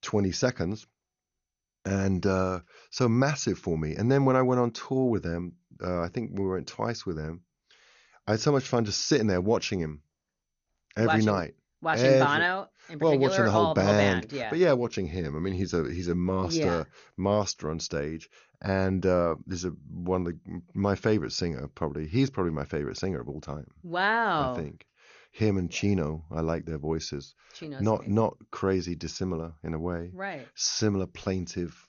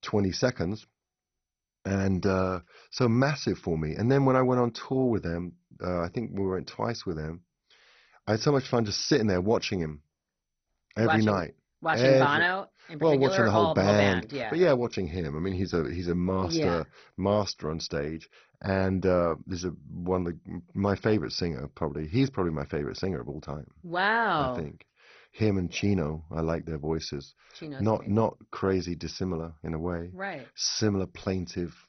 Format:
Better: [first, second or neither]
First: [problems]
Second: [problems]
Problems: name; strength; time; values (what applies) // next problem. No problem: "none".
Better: first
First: garbled, watery; slightly; nothing above 6.5 kHz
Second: garbled, watery; badly; nothing above 6 kHz